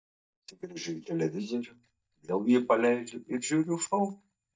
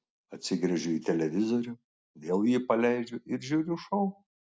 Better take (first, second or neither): second